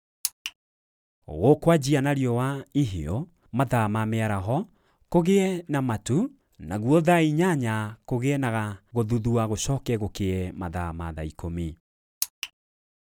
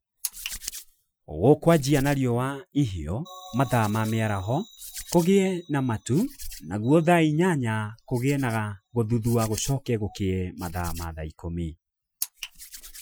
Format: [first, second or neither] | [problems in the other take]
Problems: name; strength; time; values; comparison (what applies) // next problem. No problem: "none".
first | noise reduction (classical method Wiener filter)